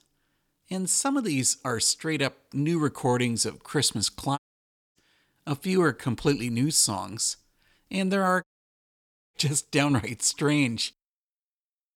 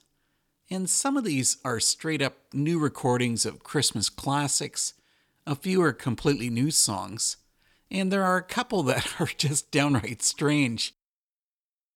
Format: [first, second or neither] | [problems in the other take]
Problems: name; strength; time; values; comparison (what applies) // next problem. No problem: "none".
second | audio cutting out; at 4.5 s for 0.5 s and at 8.5 s for 1 s